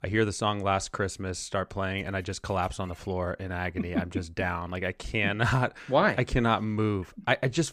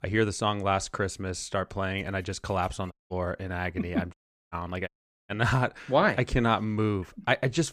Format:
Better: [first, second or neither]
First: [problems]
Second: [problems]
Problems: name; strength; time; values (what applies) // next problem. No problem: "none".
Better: first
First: none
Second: audio cutting out; at 3 s, at 4 s and at 5 s